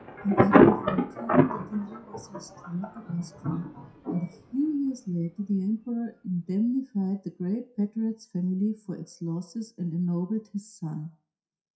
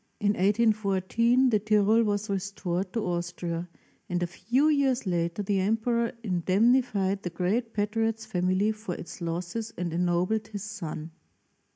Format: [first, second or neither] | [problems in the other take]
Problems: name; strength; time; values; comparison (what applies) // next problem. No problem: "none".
second | noise reduction (classical method WPE with log-MMSE)